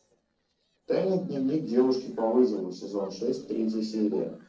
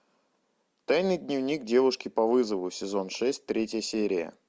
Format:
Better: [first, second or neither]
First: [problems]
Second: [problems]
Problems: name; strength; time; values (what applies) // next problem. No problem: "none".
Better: second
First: noise reduction (neural separator model SepFormer DNS4)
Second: none